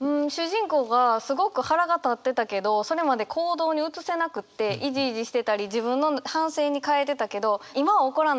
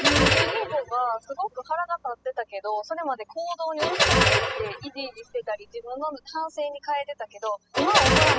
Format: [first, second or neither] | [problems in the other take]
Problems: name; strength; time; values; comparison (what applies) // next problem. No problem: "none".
first | noise reduction (classical method spectral subtraction)